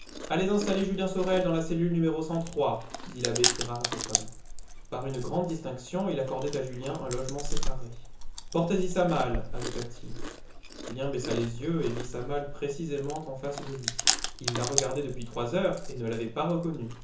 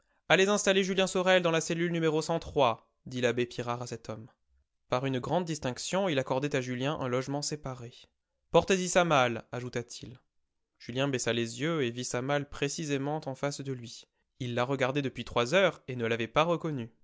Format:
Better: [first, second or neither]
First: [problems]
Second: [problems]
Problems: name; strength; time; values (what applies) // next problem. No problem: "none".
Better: second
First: background sound (Chewing, mastication); 2 dB below the speech // room echo; dies away in 0.6 s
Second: none